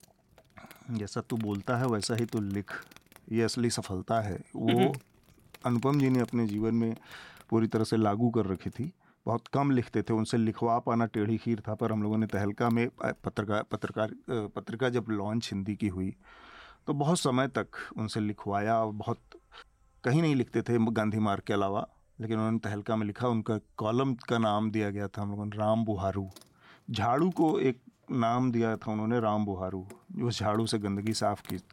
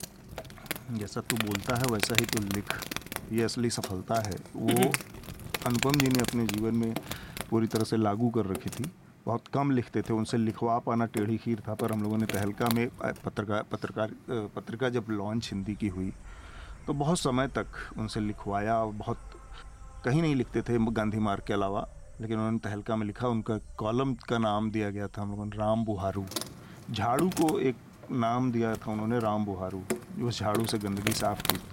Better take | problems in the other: first | animal sounds; loud; throughout; 5 dB below the speech; faint in the first

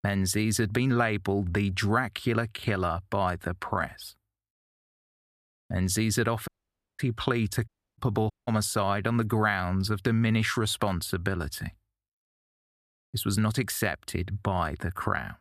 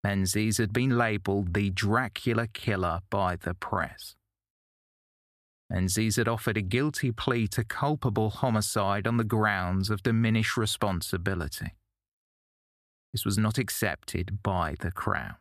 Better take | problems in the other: second | audio cutting out; at 6.5 s for 0.5 s, at 7.5 s and at 8.5 s

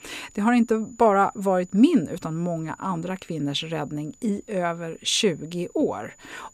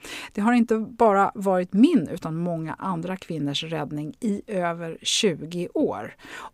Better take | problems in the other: second | high-pitched whine; faint; throughout; 7 kHz, 30 dB below the speech

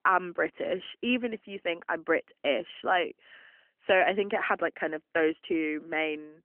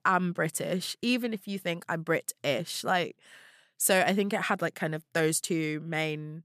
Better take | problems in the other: second | phone-call audio; nothing above 3 kHz

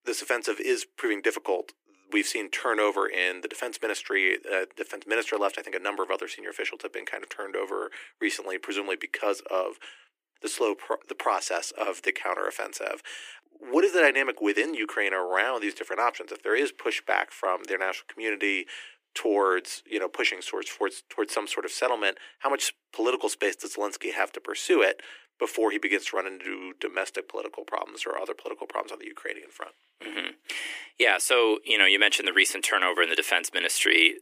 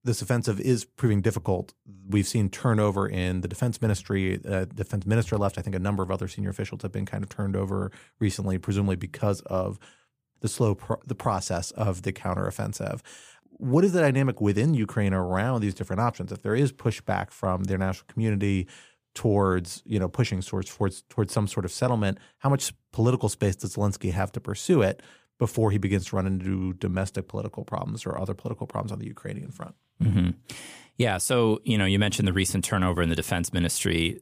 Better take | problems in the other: second | thin; very; fading below 300 Hz

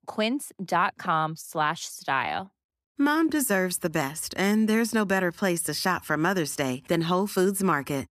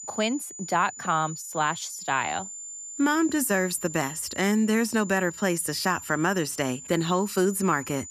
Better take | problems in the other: first | high-pitched whine; noticeable; throughout; 7 kHz, 10 dB below the speech

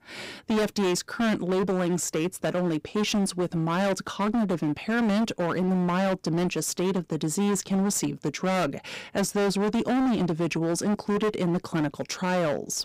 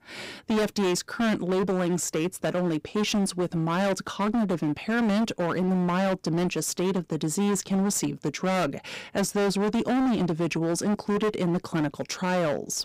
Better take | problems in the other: neither | distortion; heavy; 26% of the sound clipped; the same in both

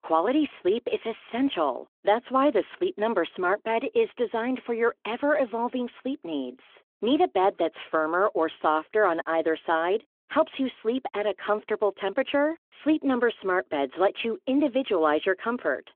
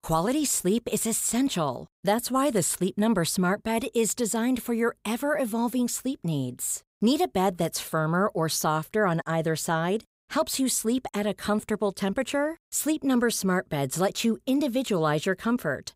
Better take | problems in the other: second | phone-call audio

